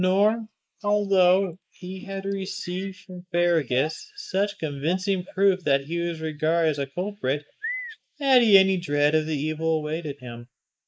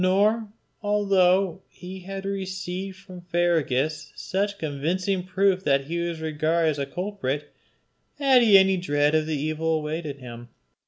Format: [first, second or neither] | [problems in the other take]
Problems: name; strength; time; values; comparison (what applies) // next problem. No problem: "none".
second | noise reduction (neural mask model Resemble Enhance denoiser)